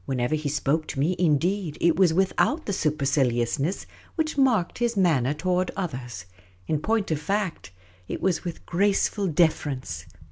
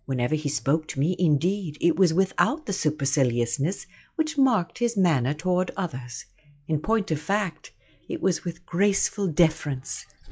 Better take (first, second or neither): first